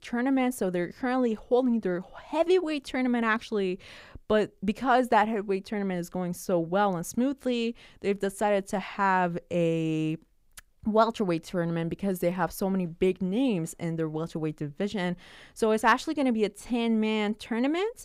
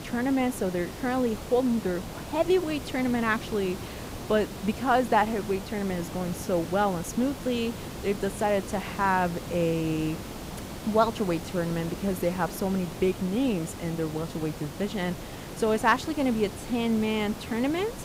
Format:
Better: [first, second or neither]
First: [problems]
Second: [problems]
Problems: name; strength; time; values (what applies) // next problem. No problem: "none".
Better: first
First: none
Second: hiss; noticeable; throughout; 10 dB below the speech